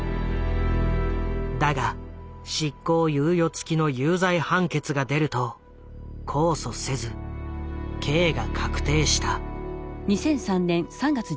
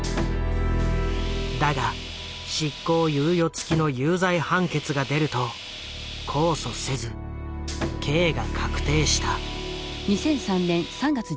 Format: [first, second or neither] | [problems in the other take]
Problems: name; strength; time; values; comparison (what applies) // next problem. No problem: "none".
first | background sound (Sawing); 12 dB below the speech